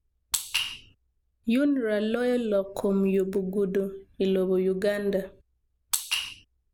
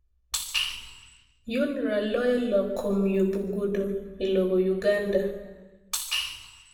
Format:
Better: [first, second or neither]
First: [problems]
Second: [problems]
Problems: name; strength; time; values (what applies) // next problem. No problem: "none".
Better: first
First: none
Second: room echo; dies away in 1 s